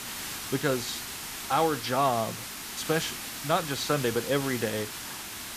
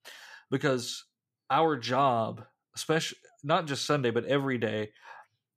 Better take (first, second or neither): second